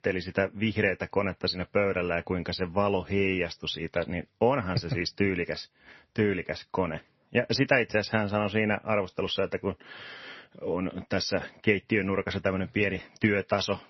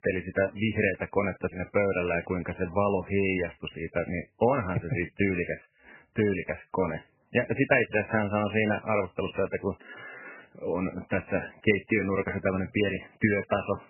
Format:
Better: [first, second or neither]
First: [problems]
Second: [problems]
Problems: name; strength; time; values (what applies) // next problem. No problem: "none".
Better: first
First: garbled, watery; slightly; nothing above 6 kHz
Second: garbled, watery; badly; nothing above 3 kHz